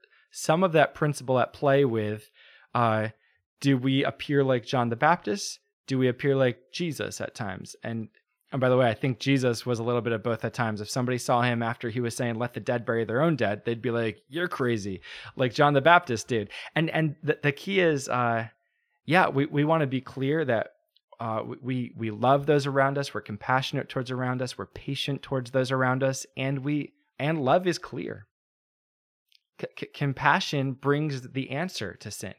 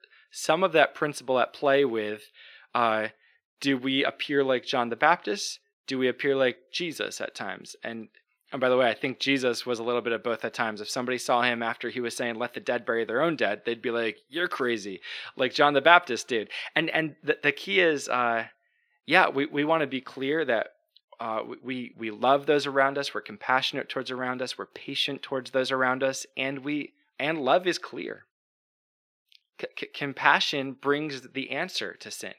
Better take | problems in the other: first | thin; very slightly; fading below 300 Hz

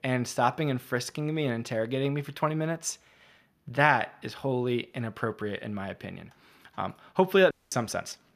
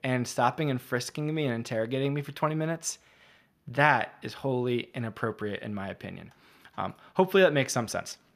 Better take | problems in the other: second | audio cutting out; at 7.5 s

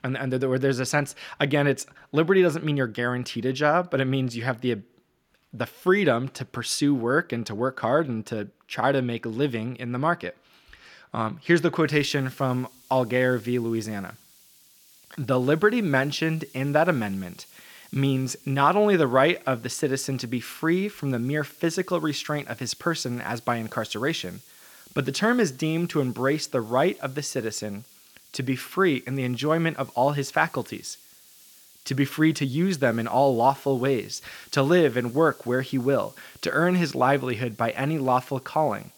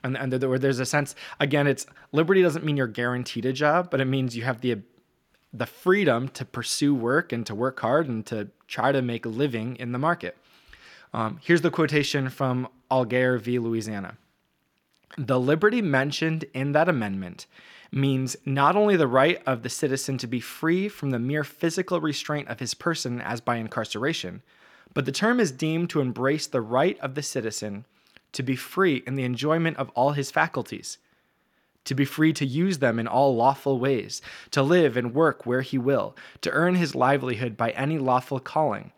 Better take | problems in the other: second | hiss; faint; from 12 s on; 25 dB below the speech

